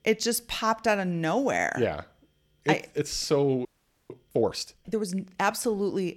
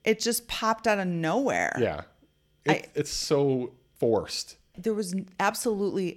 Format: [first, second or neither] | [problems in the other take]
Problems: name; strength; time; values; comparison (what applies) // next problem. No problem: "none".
second | audio freezing; at 3.5 s